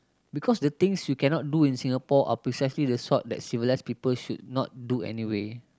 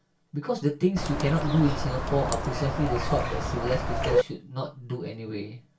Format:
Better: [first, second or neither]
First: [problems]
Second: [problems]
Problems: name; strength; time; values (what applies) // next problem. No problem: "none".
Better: first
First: none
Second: background sound (Bird); as loud as the speech // room echo; dies away in 0.2 s